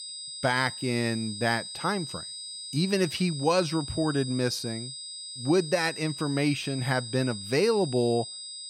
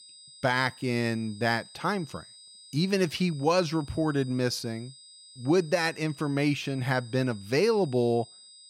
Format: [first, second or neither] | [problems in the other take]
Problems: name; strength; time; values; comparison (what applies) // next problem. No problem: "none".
second | high-pitched whine; loud; throughout; 5 kHz, 9 dB below the speech; faint in the second